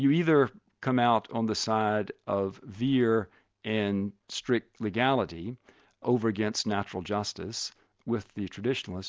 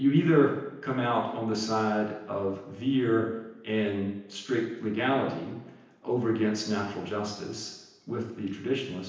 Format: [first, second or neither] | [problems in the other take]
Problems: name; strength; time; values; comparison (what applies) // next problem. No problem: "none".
first | room echo; dies away in 0.9 s